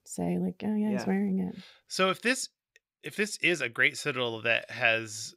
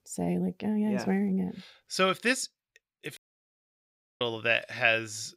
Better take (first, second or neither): first